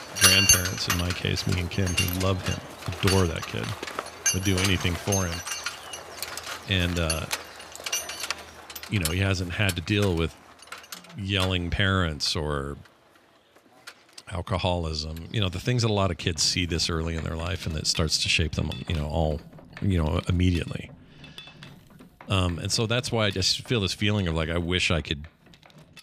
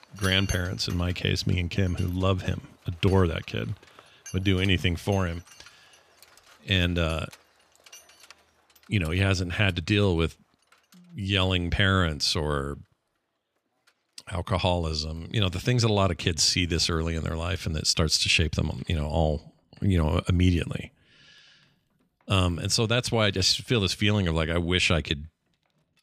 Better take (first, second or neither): second